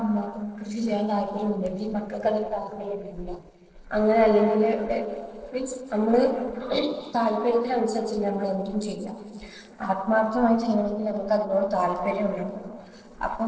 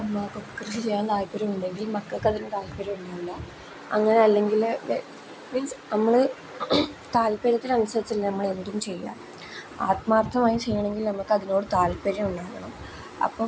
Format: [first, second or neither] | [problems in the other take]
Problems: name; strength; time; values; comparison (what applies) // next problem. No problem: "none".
second | noise reduction (neural separator model SepFormer DNS4)